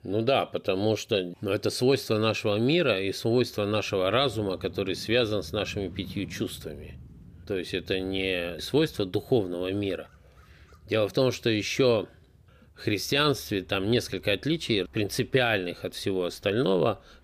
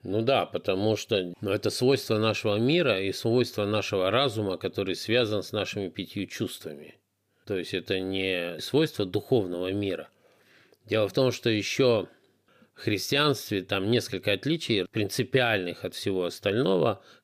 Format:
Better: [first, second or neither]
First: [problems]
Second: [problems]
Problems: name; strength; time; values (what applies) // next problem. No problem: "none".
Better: second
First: traffic noise; faint; throughout; 25 dB below the speech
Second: none